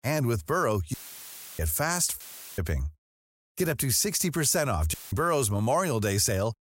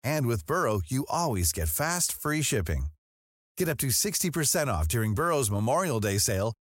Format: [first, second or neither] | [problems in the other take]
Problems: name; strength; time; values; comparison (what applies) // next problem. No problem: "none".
second | audio cutting out; filled with static; at 1 s for 0.5 s, at 2 s and at 5 s